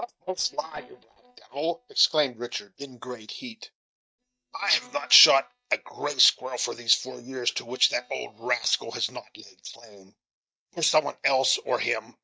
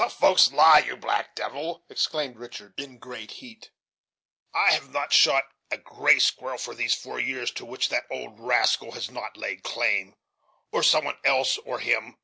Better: second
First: noise reduction (neural mask model DeepFilterNet 3)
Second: none

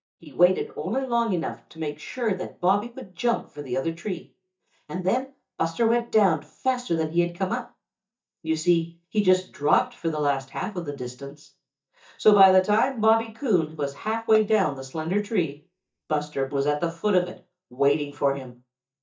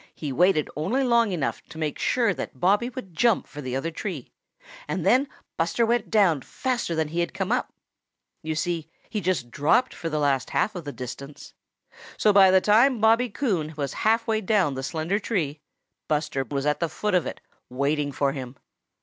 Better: second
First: noise reduction (neural mask model DeepFilterNet 3)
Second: none

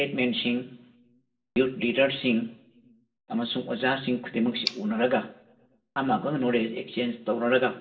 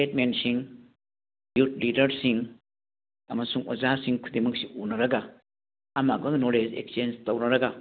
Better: second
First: background sound (Tick); 19 dB below the speech // room echo; dies away in 0.5 s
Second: none

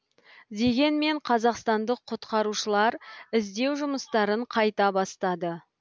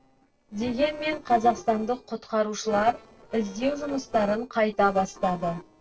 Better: first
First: none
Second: noise reduction (neural separator model SepFormer DNS4)

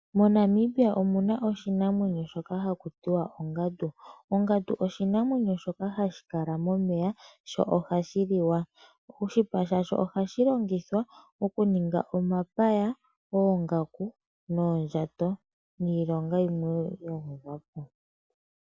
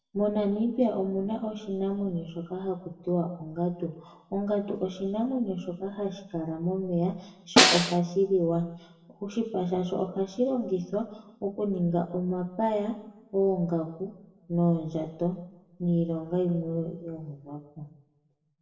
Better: first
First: none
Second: background sound (Snare drum); 4 dB above the speech // room echo; dies away in 0.7 s

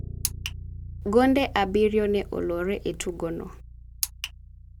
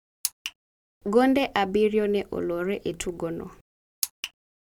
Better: second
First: background sound (Bass guitar); 13 dB below the speech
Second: none

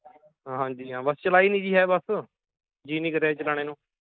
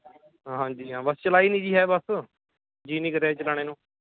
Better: second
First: noise reduction (neural mask model Resemble Enhance denoiser)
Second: none

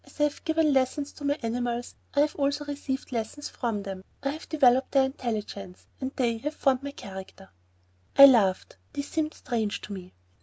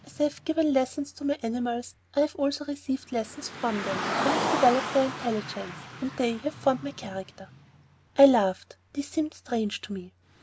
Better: first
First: none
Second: background sound (Car); 9 dB below the speech

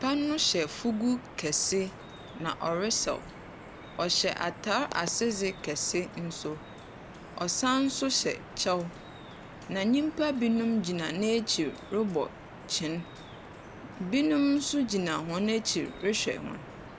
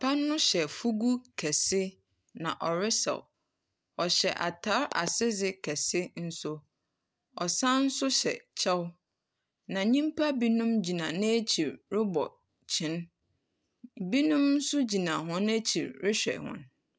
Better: second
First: background sound (Drip); 15 dB below the speech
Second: none

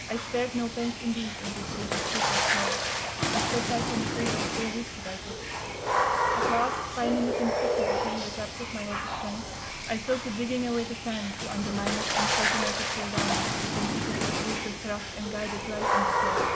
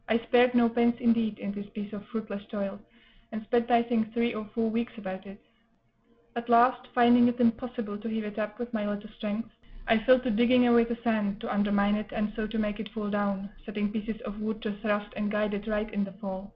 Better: second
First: background sound (Water / Splash, splatter); 4 dB above the speech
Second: none

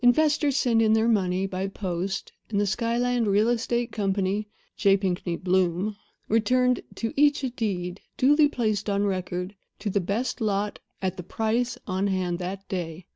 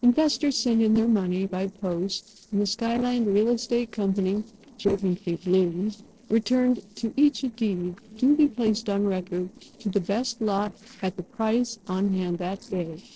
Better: first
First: none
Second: noise reduction (neural separator model SepFormer DNS4)

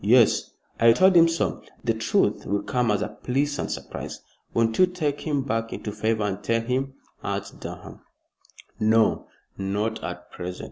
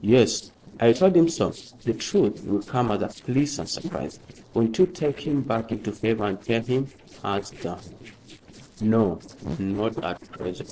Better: first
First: none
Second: noise reduction (neural separator model SepFormer DNS4)

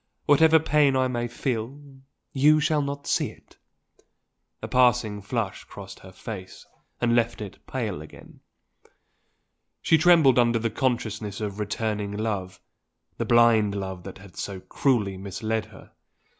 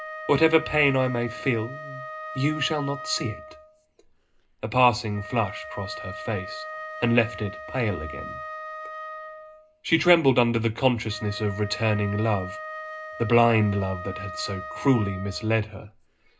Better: first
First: none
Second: background sound (Wind instrument, woodwind instrument); 12 dB below the speech // room echo; dies away in 0.2 s

